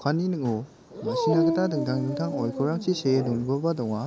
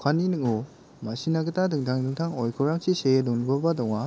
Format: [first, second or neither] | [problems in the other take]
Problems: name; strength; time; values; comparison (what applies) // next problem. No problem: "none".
second | background sound (Dog); 3 dB below the speech